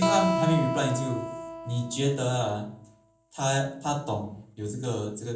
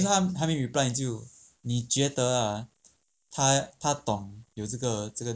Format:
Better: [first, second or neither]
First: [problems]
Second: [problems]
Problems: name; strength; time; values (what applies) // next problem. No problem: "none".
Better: second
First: background sound (Acoustic guitar); 3 dB below the speech // room echo; dies away in 0.6 s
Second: none